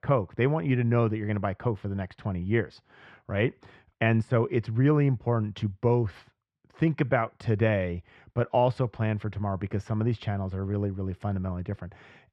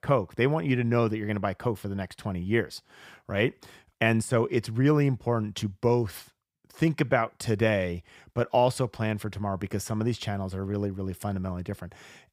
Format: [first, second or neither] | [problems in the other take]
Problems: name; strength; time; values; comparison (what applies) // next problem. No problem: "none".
second | muffled; slightly; fading above 2.5 kHz